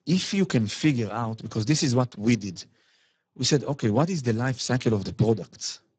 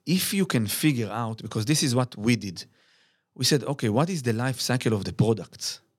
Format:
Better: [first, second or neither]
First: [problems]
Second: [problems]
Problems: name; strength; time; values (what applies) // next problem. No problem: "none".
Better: second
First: garbled, watery; badly; nothing above 7.5 kHz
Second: none